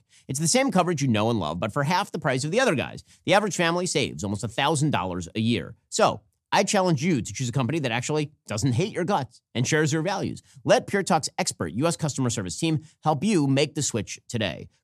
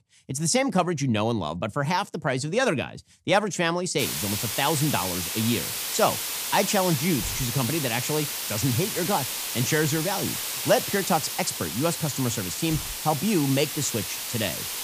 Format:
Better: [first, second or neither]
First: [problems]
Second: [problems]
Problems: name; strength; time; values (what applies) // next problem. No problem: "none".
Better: first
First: none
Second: hiss; loud; from 4 s on; 2 dB below the speech